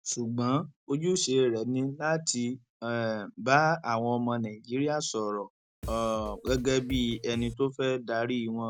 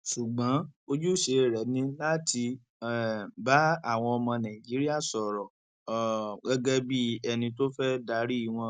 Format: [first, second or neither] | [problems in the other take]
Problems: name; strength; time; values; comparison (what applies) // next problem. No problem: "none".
second | background sound (Drum kit); 11 dB below the speech